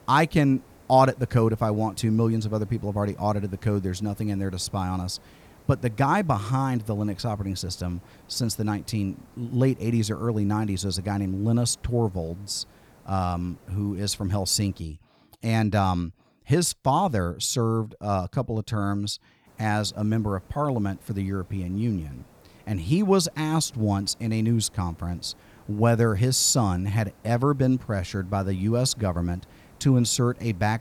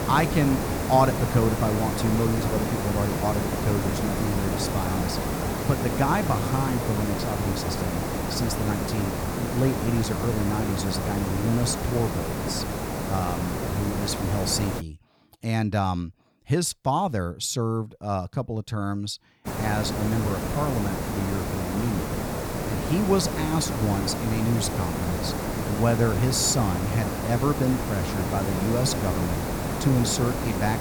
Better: first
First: hiss; faint; until 15 s and from 19 s on; 30 dB below the speech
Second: hiss; loud; until 15 s and from 19 s on; 2 dB below the speech

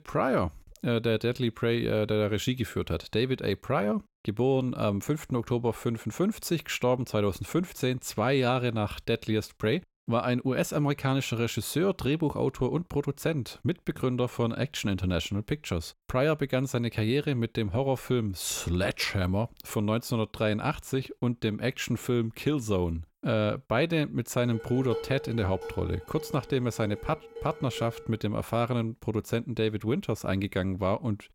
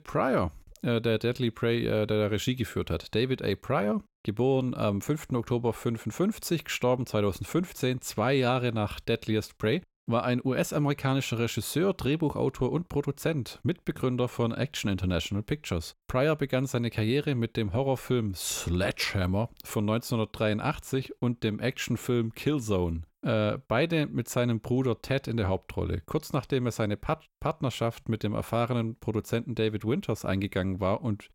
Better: second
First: clattering dishes; noticeable; from 24 to 28 s; peak 7 dB below the speech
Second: none

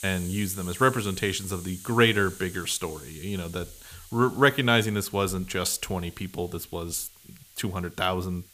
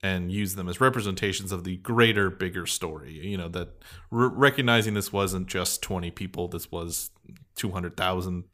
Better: second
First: hiss; noticeable; throughout; 15 dB below the speech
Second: none

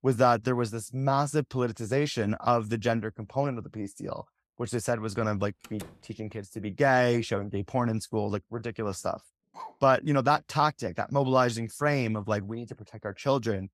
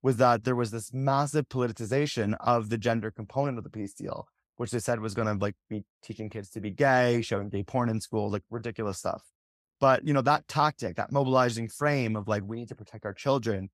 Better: second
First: door banging; faint; at 5.5 s; peak 20 dB below the speech // dog barking; faint; at 9.5 s; peak 15 dB below the speech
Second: none

